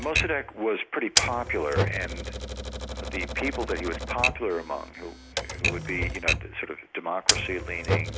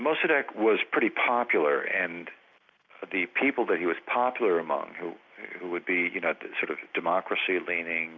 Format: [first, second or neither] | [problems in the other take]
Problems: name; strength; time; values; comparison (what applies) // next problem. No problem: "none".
second | background sound (Typewriter); 2 dB above the speech